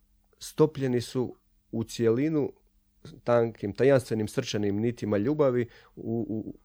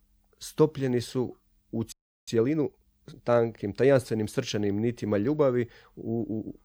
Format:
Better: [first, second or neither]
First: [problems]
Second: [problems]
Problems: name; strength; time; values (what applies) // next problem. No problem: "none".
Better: first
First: none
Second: audio freezing; at 2 s